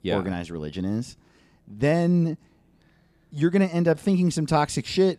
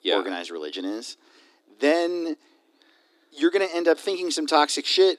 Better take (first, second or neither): first